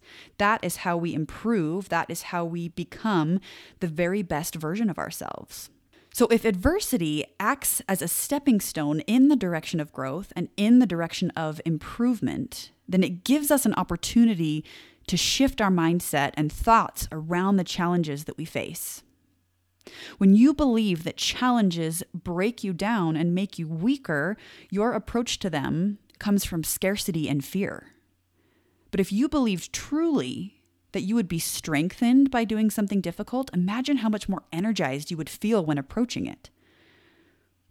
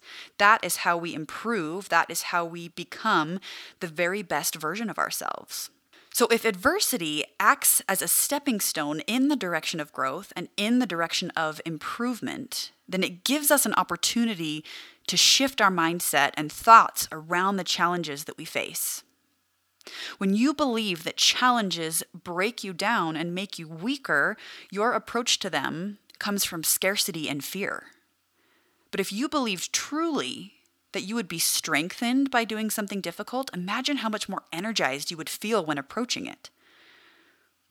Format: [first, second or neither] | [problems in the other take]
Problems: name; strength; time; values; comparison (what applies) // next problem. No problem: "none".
first | thin; somewhat; fading below 800 Hz